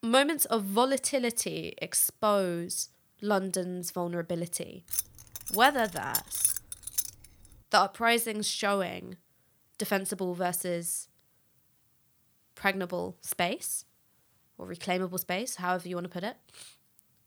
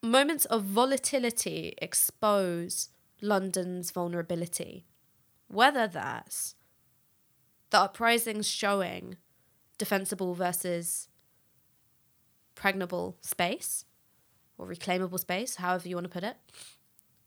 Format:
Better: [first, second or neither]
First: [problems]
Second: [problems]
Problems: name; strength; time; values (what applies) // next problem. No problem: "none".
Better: second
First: jangling keys; loud; from 5 to 7 s; peak 3 dB above the speech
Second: none